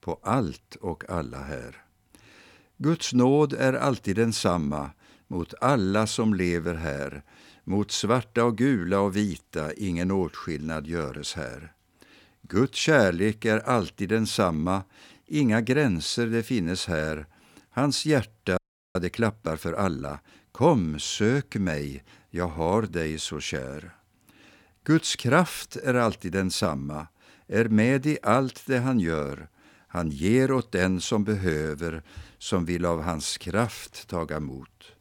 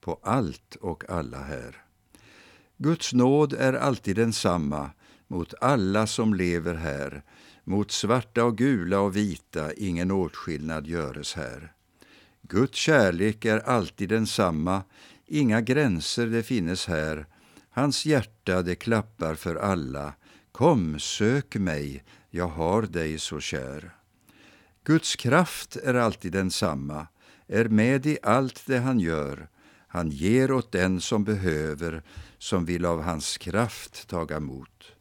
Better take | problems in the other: second | audio freezing; at 19 s

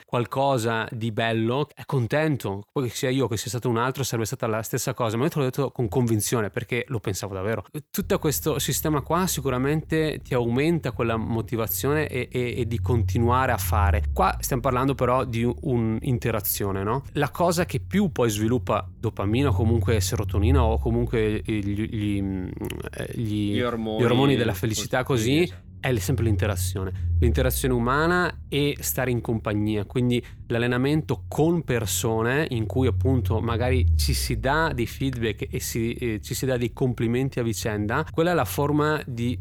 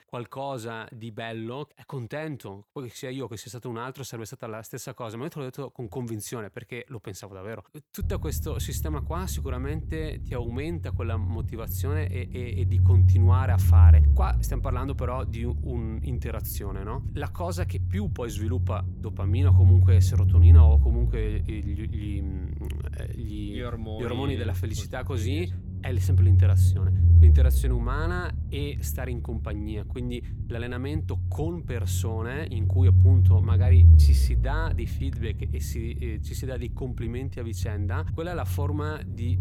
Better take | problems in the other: first | low rumble; loud; from 8 s on; 3 dB below the speech; faint in the first

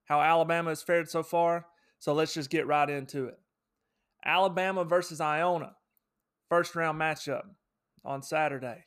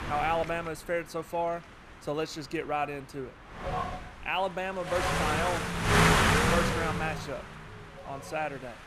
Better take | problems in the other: first | wind noise on the microphone; heavy; 5 dB above the speech

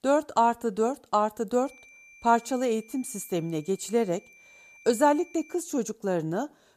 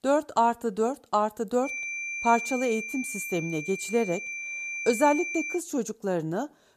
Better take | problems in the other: first | high-pitched whine; loud; from 1.5 to 5.5 s; 2.5 kHz, 5 dB below the speech; faint in the first

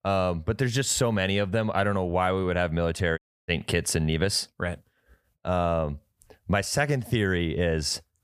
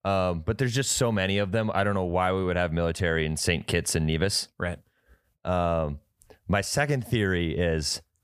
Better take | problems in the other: second | audio cutting out; at 3 s

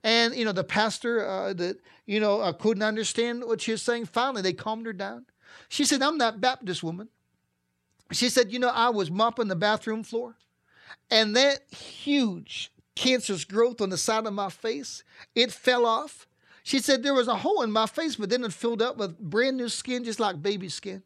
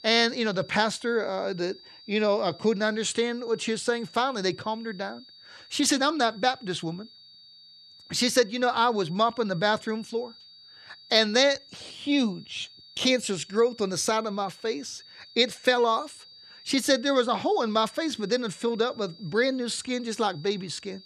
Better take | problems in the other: first | high-pitched whine; faint; throughout; 4.5 kHz, 20 dB below the speech

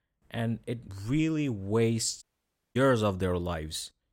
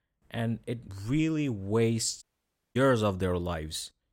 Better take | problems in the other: neither | audio cutting out; at 2 s for 0.5 s; the same in both

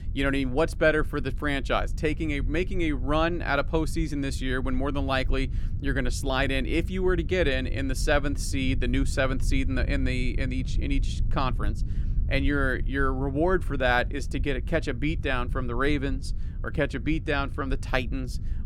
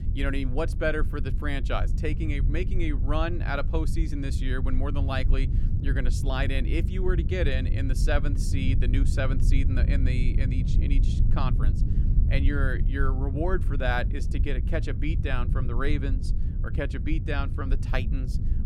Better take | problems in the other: first | low rumble; loud; throughout; 10 dB below the speech; faint in the first

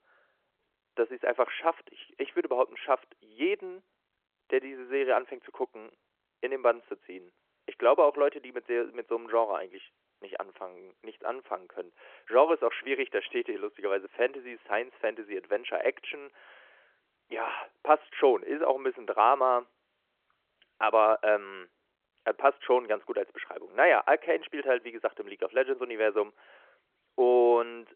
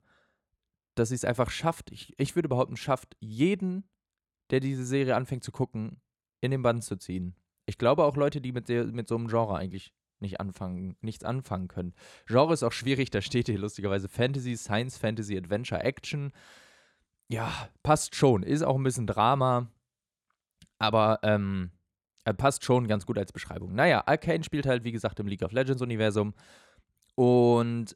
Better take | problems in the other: second | phone-call audio

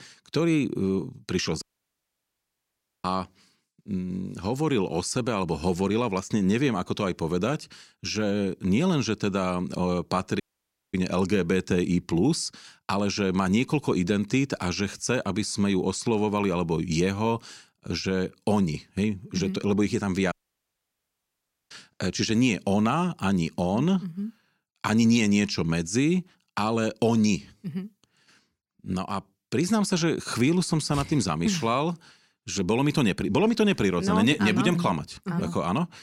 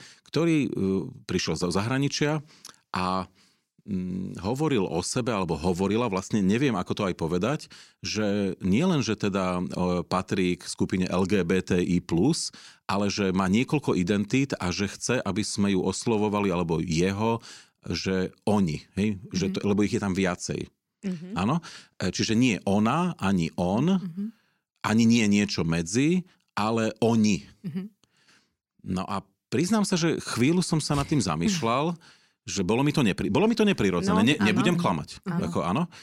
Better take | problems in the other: second | audio cutting out; at 1.5 s for 1.5 s, at 10 s for 0.5 s and at 20 s for 1.5 s

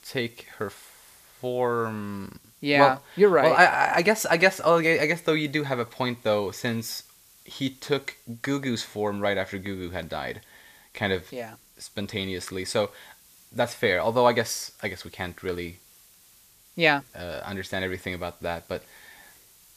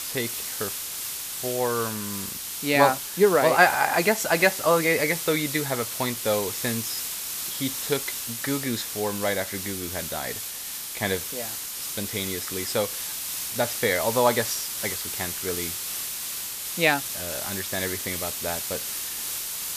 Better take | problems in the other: first | hiss; loud; throughout; 4 dB below the speech; faint in the first

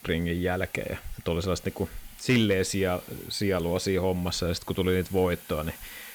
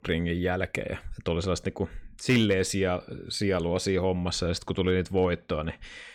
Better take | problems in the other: second | hiss; noticeable; throughout; 20 dB below the speech

